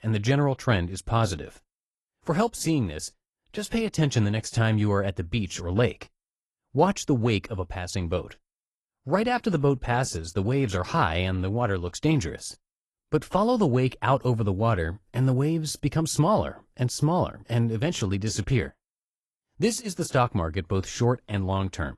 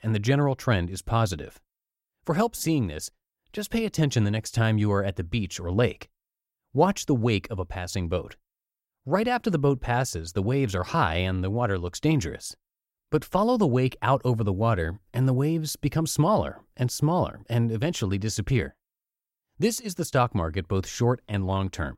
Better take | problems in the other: second | garbled, watery; slightly; nothing above 11.5 kHz

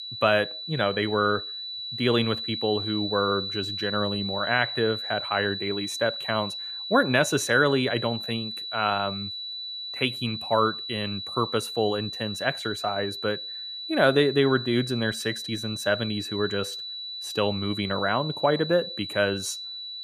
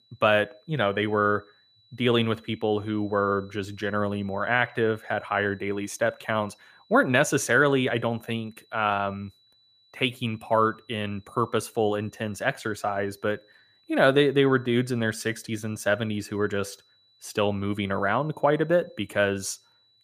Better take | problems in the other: second | high-pitched whine; loud; throughout; 4 kHz, 6 dB below the speech; faint in the second

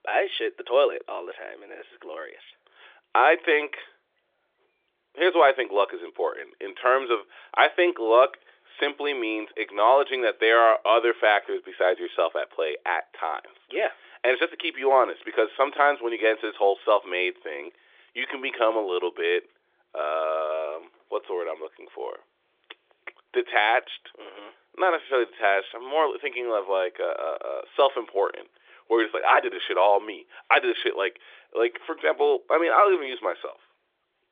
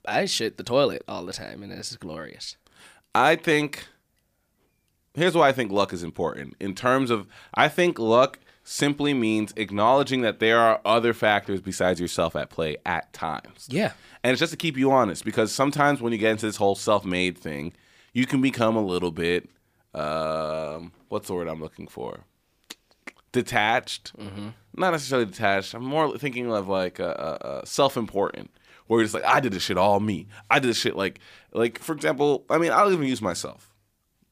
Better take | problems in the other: second | phone-call audio; nothing above 3.5 kHz

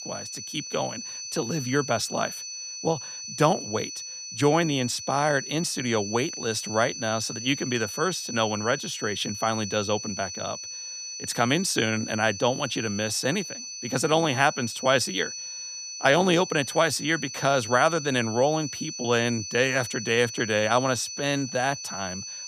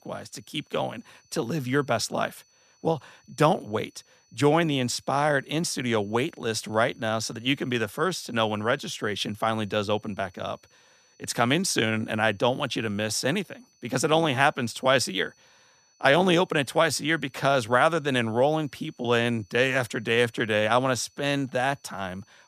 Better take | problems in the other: second | high-pitched whine; loud; throughout; 6 kHz, 8 dB below the speech; faint in the second

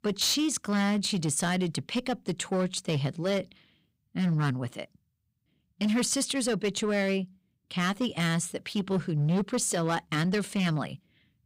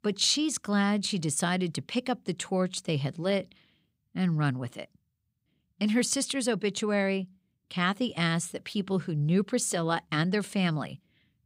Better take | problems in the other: second | distortion; slight; 10% of the sound clipped

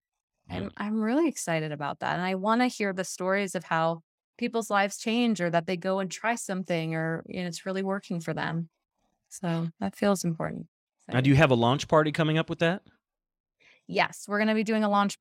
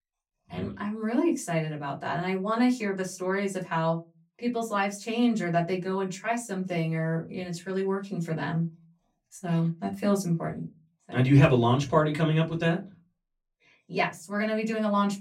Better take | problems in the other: first | off-mic speech; far // room echo; very slight; dies away in 0.2 s

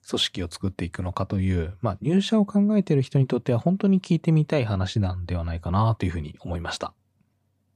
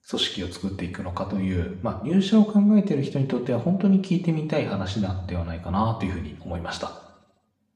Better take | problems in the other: first | room echo; slight; dies away in 0.8 s // off-mic speech; somewhat distant

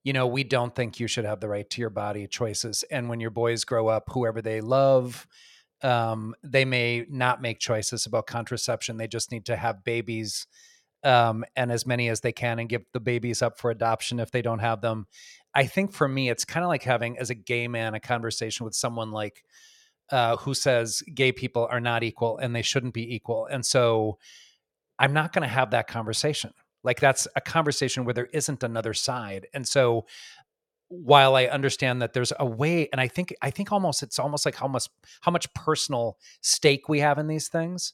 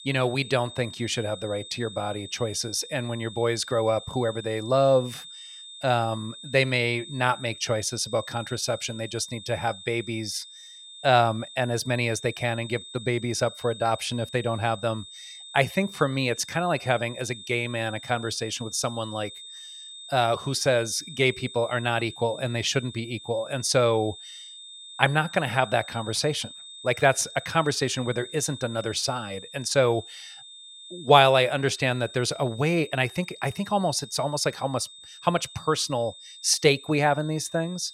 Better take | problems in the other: first | high-pitched whine; noticeable; throughout; 3.5 kHz, 15 dB below the speech

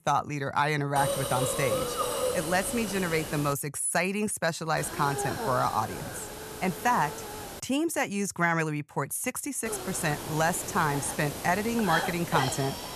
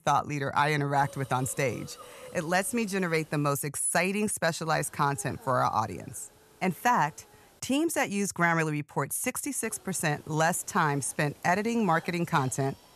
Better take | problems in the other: second | hiss; loud; from 1 to 3.5 s, from 5 to 7.5 s and from 9.5 s on; 5 dB below the speech; faint in the second

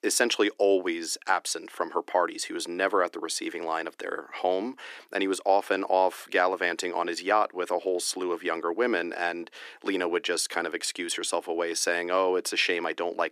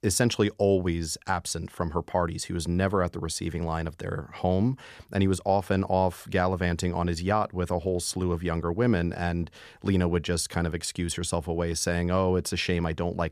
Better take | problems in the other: second | thin; somewhat; fading below 300 Hz

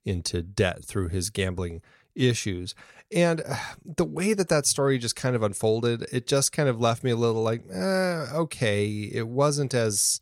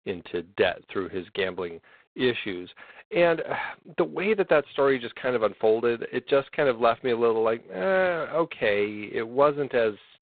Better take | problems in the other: first | phone-call audio; poor line; nothing above 4 kHz

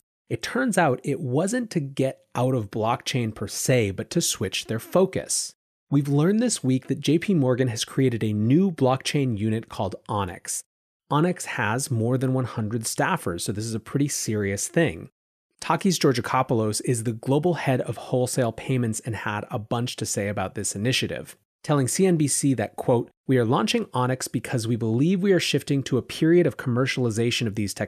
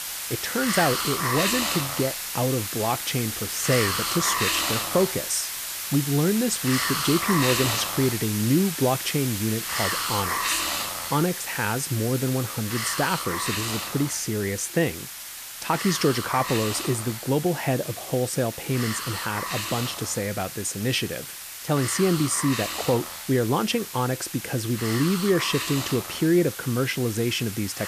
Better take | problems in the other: first | hiss; loud; throughout; 3 dB below the speech

